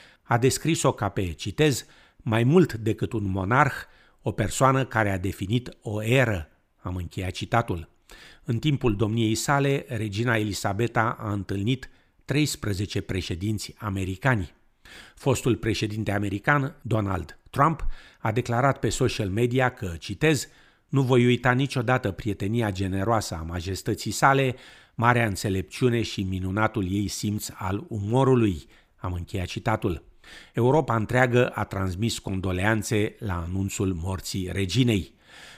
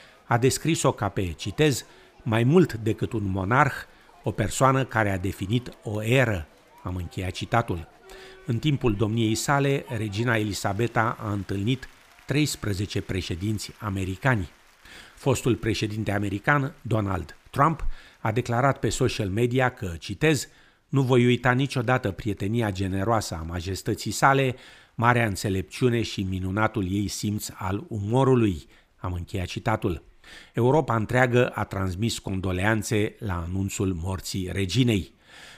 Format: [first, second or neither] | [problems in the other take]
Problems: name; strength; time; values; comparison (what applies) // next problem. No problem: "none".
first | crowd noise; faint; throughout; 30 dB below the speech